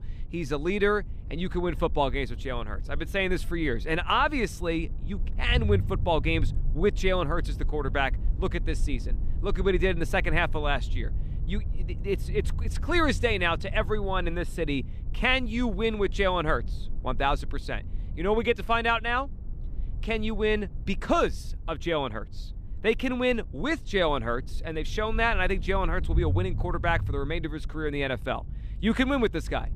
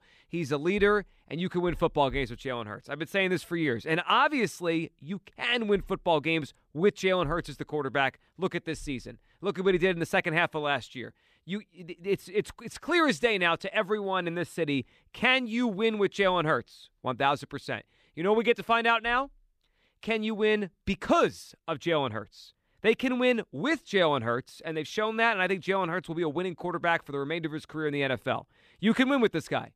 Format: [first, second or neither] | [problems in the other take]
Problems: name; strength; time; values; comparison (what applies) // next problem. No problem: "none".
second | low rumble; faint; throughout; 25 dB below the speech